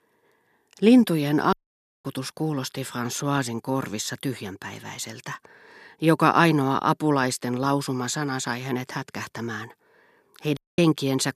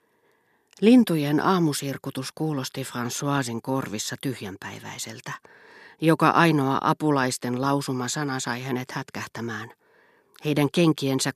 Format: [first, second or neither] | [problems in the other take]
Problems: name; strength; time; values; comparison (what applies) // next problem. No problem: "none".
second | audio cutting out; at 1.5 s for 0.5 s and at 11 s